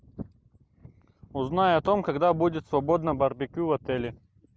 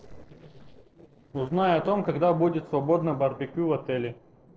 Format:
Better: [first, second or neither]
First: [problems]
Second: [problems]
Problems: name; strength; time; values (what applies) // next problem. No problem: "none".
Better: first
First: none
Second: noise reduction (neural separator model SepFormer DNS4)